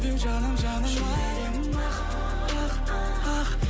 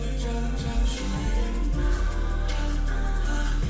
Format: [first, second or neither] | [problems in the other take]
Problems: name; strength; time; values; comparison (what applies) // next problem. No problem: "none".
first | background sound (Wind instrument, woodwind instrument); 20 dB below the speech // room echo; dies away in 0.7 s